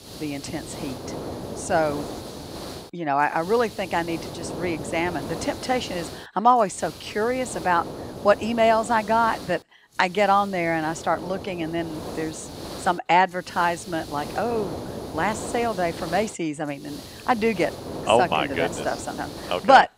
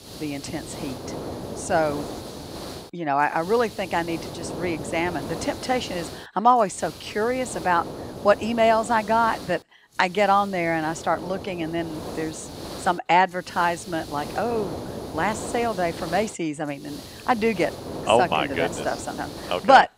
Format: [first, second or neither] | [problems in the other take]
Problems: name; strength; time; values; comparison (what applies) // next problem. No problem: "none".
neither | hiss; noticeable; throughout; 10 dB below the speech; the same in both